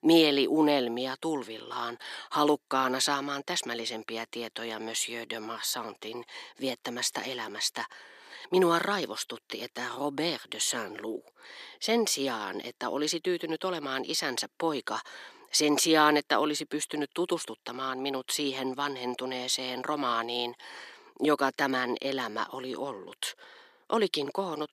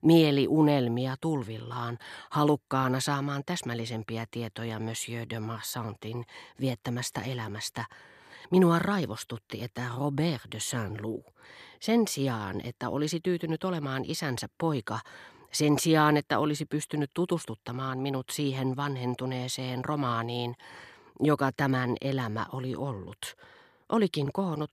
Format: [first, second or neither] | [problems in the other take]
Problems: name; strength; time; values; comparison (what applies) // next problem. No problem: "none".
second | thin; somewhat; fading below 300 Hz